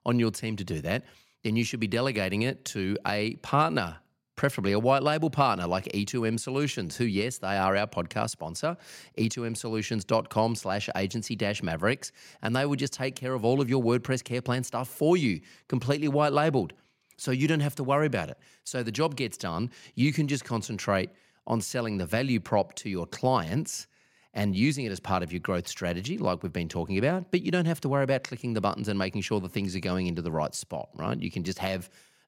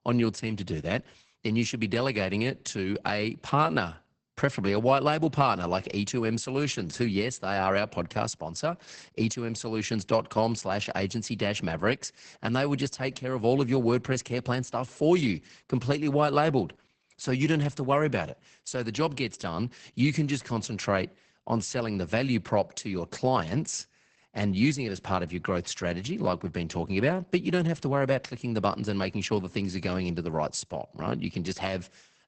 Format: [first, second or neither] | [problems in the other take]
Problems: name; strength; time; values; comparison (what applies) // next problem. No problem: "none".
first | garbled, watery; badly; nothing above 8 kHz